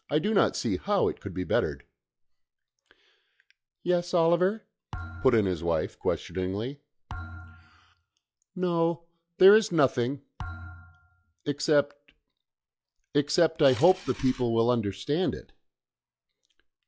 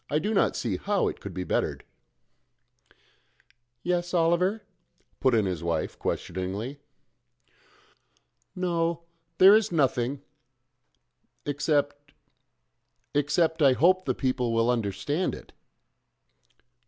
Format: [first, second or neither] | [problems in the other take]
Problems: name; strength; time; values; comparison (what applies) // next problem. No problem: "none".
second | noise reduction (classical method log-MMSE)